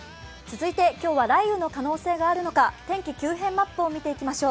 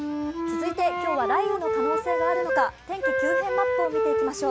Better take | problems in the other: first | background sound (Wind instrument, woodwind instrument); 3 dB above the speech

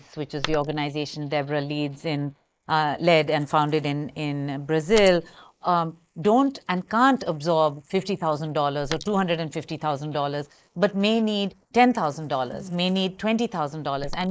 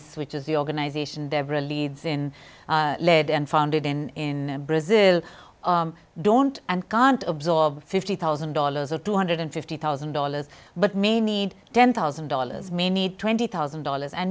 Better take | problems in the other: second | noise reduction (neural mask model Resemble Enhance denoiser)

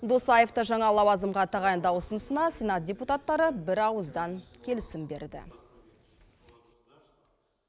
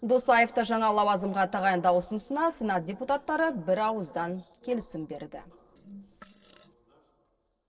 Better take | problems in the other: first | noise reduction (neural separator model SepFormer DNS4)

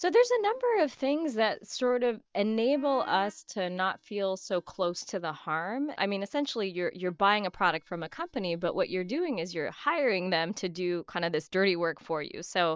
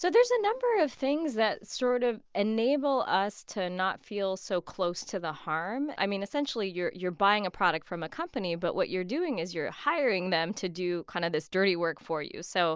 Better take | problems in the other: second | noise reduction (neural mask model DeepFilterNet 3)

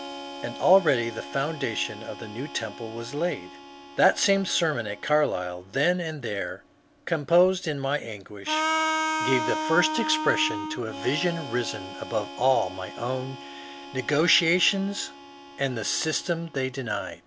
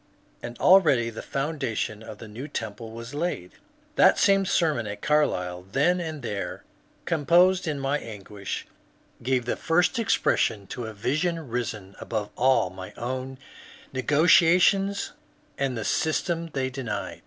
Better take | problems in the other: second | background sound (Harmonica); 8 dB below the speech

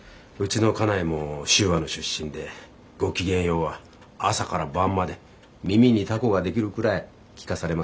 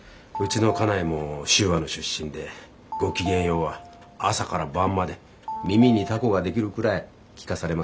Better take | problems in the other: first | background sound (Telephone); 13 dB below the speech

